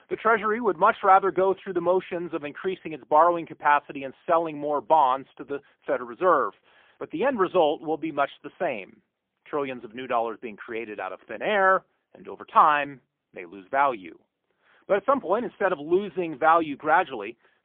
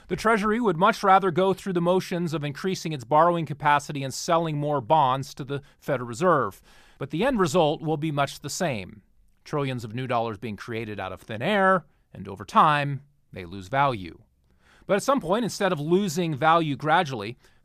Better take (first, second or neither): second